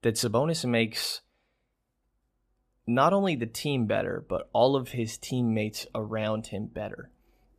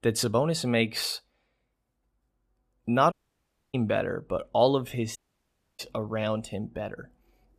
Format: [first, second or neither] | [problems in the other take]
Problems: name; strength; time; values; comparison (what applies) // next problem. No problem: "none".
first | audio cutting out; at 3 s for 0.5 s and at 5 s for 0.5 s